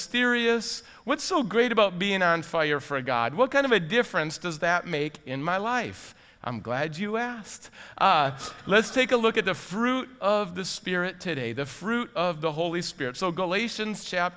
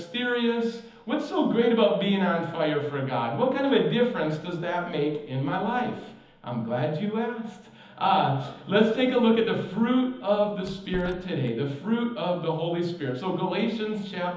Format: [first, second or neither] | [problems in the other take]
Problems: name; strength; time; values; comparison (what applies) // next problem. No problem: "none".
first | background sound (Door); 17 dB below the speech // room echo; dies away in 1.3 s